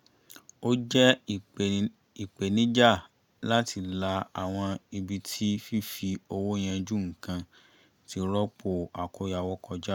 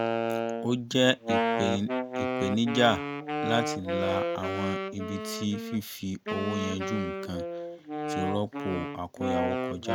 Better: first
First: none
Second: background sound (Wind instrument, woodwind instrument); 1 dB below the speech

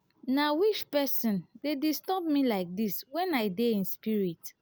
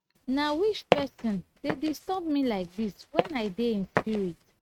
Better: first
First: none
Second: noise reduction (neural mask model RNNoise)

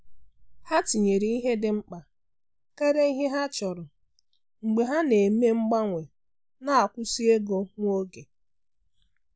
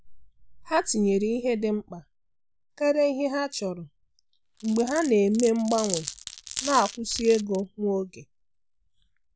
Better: first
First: none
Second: background sound (Glass); 10 dB below the speech

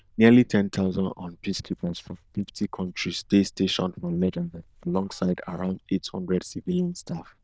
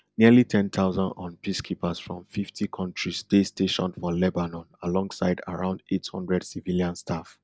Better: second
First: noise reduction (neural diffusion model UNIVERSE++)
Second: none

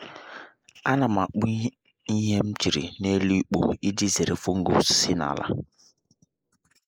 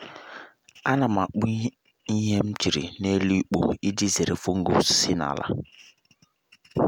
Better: second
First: noise reduction (neural mask model Resemble Enhance denoiser)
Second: none

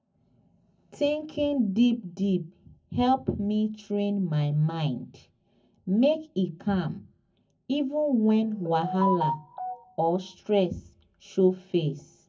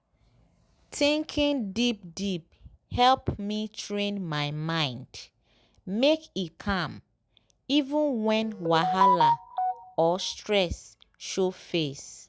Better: second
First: room echo; dies away in 0.3 s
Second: none

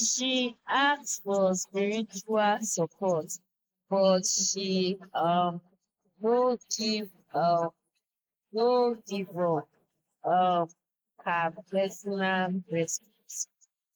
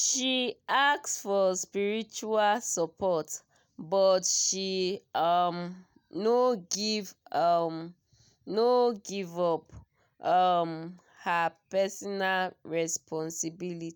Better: second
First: noise reduction (neural mask model Resemble Enhance denoiser)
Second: none

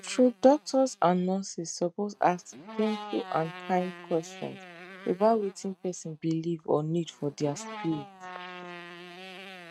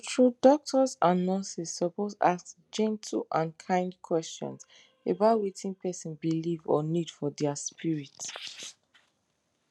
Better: second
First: noise reduction (neural mask model RNNoise)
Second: none

